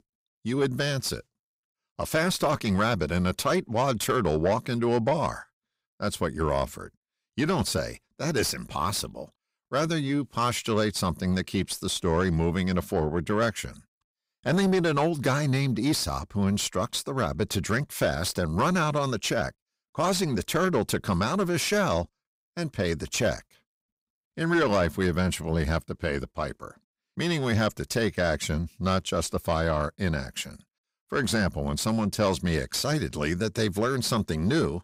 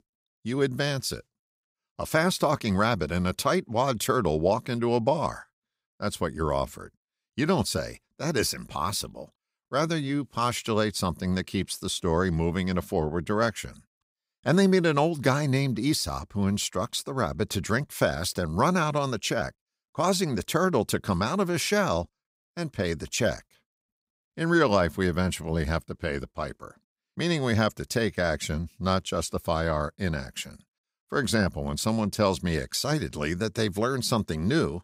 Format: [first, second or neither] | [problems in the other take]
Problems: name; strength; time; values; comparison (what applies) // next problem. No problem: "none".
second | distortion; slight; 10 dB below the speech